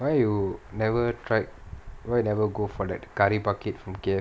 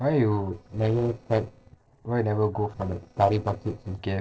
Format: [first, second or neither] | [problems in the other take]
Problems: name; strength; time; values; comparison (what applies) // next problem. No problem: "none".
first | noise reduction (neural separator model SepFormer DNS4)